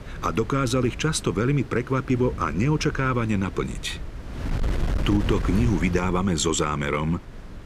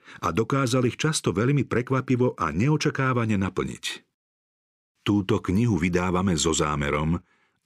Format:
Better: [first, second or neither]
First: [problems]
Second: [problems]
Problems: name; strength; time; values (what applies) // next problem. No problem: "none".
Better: second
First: wind noise on the microphone; occasional gusts; 15 dB below the speech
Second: none